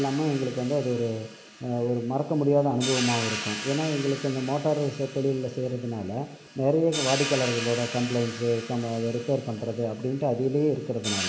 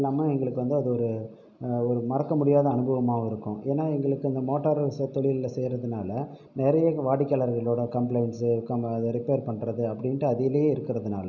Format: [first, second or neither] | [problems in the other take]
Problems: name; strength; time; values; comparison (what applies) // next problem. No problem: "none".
second | background sound (Hi-hat); 10 dB below the speech